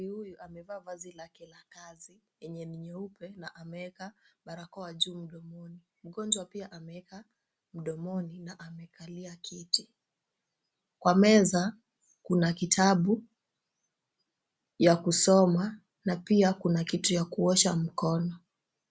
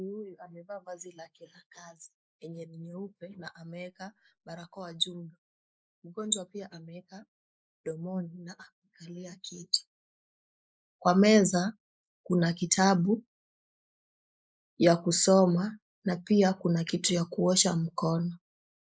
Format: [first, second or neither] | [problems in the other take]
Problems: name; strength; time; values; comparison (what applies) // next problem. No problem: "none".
first | noise reduction (neural mask model Resemble Enhance denoiser)